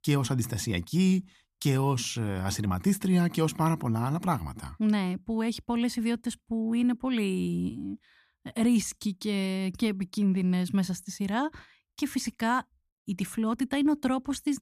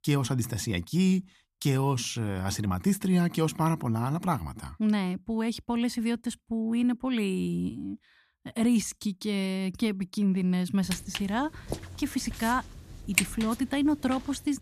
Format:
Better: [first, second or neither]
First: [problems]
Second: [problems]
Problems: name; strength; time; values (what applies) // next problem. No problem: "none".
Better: first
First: none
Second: footsteps; loud; from 11 to 13 s; peak 1 dB above the speech